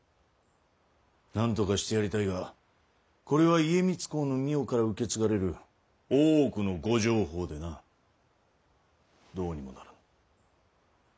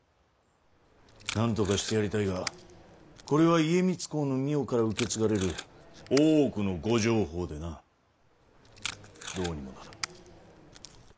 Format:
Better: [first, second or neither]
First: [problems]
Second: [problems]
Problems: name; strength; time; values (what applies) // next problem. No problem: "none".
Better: first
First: none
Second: background sound (Packing tape, duct tape); 14 dB below the speech